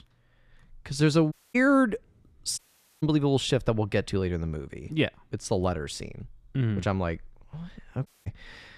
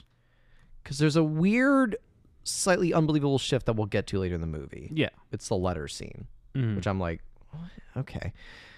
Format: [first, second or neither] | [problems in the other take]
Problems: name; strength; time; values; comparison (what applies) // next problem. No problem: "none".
second | audio cutting out; at 1.5 s, at 2.5 s and at 8 s